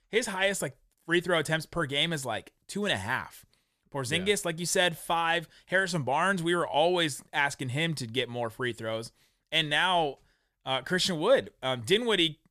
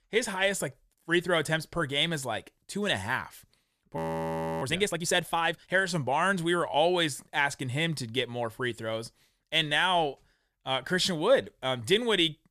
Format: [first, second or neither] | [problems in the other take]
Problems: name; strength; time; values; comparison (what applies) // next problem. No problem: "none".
first | audio freezing; at 4 s for 0.5 s